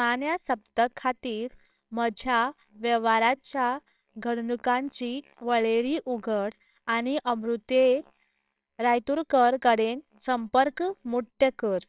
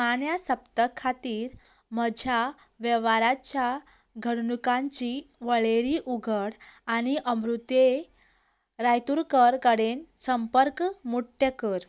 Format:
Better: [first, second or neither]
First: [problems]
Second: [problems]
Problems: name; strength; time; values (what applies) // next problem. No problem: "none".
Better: second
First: noise reduction (neural separator model SepFormer WHAMR!)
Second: none